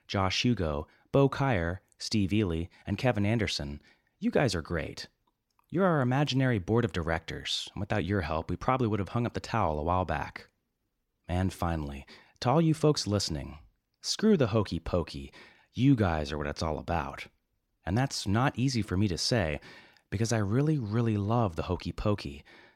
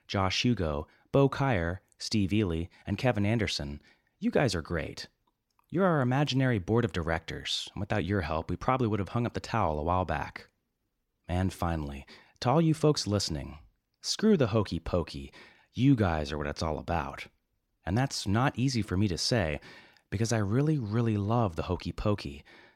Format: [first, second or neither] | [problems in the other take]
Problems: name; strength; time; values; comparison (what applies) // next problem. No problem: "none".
neither | none